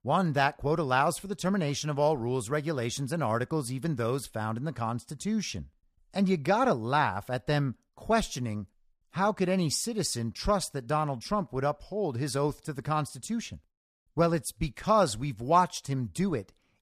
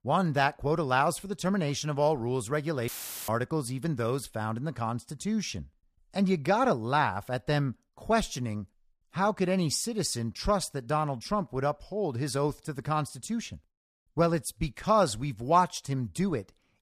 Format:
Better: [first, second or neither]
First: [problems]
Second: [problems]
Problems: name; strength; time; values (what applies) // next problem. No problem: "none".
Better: first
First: none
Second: audio cutting out; filled with static; at 3 s